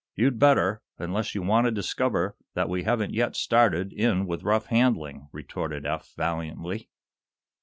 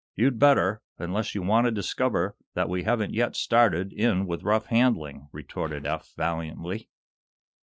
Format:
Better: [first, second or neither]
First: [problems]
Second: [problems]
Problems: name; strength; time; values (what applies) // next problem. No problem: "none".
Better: first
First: none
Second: noise reduction (neural separator model SepFormer DNS4)